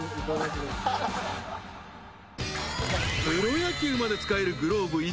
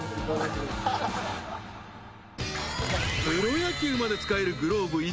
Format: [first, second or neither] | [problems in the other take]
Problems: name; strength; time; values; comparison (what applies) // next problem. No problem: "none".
first | background sound (Bowed string instrument); 16 dB below the speech